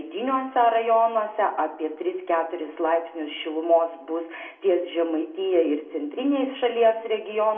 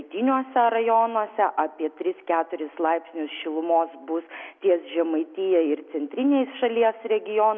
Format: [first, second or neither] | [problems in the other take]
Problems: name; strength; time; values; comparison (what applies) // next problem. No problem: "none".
second | room echo; dies away in 0.5 s